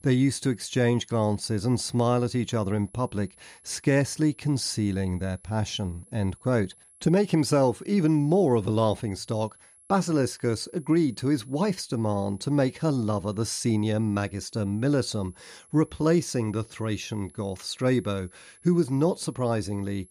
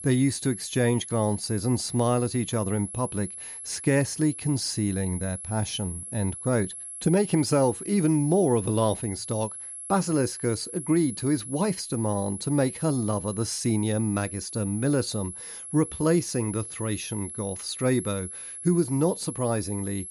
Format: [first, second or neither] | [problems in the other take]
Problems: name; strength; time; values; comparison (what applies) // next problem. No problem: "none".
first | high-pitched whine; loud; throughout; 11 kHz, 9 dB below the speech; faint in the first